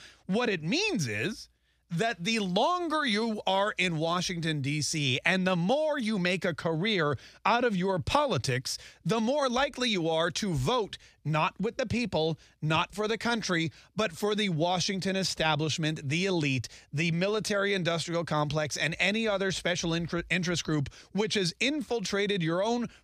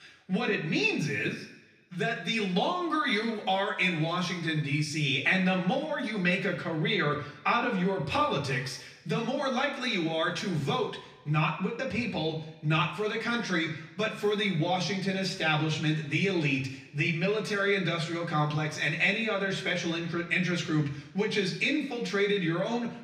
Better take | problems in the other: first | room echo; slight; dies away in 1 s // off-mic speech; far

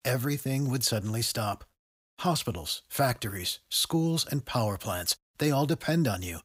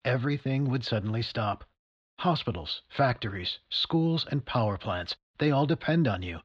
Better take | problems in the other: first | muffled; slightly; fading above 4 kHz

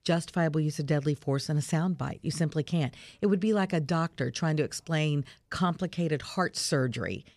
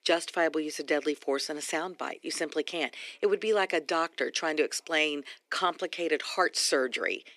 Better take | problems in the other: first | thin; very; fading below 300 Hz

